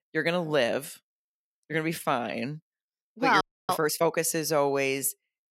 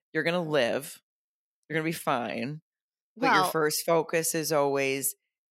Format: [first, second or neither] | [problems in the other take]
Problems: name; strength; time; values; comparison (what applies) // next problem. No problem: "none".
second | audio freezing; at 3.5 s